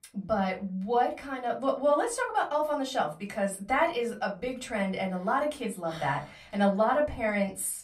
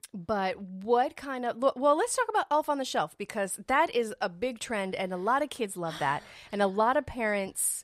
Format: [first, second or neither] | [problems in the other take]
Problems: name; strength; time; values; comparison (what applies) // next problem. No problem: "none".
second | off-mic speech; far // room echo; very slight; dies away in 0.3 s